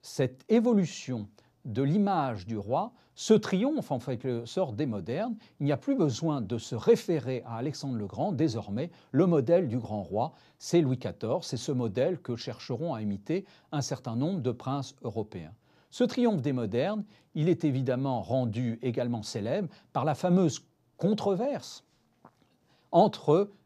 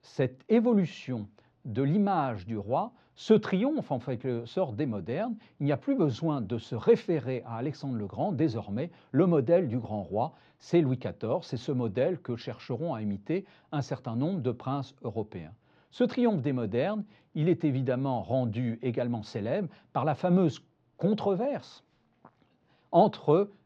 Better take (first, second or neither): first